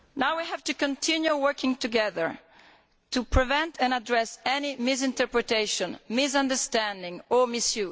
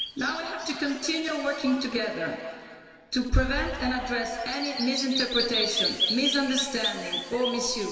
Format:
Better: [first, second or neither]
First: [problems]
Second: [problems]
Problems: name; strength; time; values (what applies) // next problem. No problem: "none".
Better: first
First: none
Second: background sound (Bird vocalization, bird call, bird song); 6 dB below the speech // room echo; dies away in 2.5 s